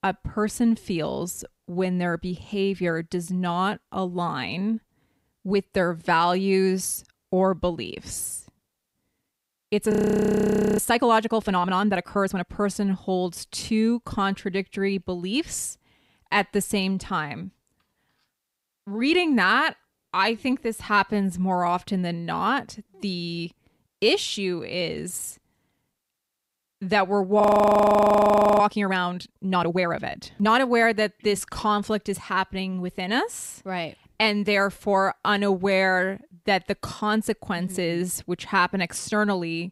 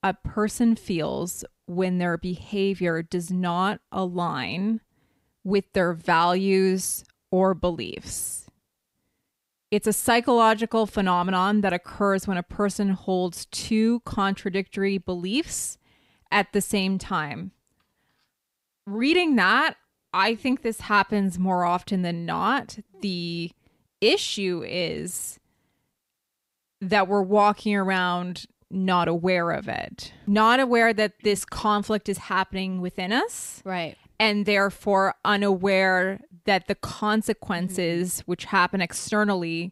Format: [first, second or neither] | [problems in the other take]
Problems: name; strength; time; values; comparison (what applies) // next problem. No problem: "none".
second | audio freezing; at 10 s for 1 s and at 27 s for 1 s